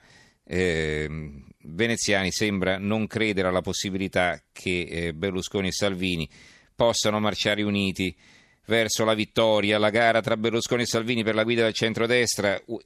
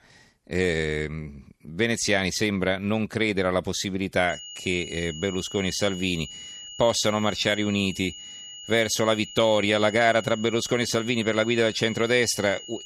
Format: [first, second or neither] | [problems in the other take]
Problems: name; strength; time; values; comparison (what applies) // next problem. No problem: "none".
first | high-pitched whine; noticeable; from 4.5 s on; 3 kHz, 15 dB below the speech